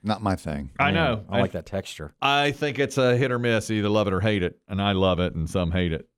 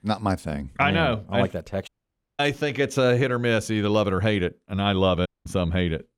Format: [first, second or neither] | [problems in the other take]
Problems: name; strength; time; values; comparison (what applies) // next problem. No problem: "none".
first | audio cutting out; at 2 s for 0.5 s and at 5.5 s